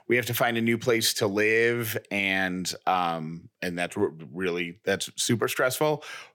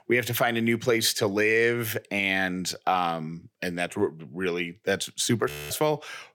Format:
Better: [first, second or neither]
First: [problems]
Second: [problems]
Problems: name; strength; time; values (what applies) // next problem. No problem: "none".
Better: first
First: none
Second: audio freezing; at 5.5 s